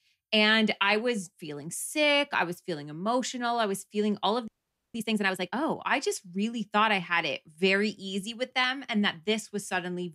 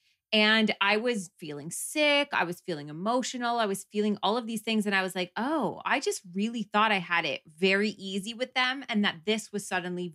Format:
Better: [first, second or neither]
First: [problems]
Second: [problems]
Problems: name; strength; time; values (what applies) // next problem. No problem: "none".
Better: second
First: audio freezing; at 4.5 s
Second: none